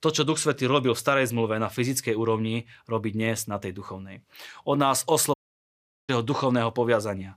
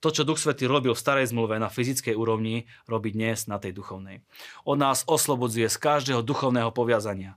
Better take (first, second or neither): second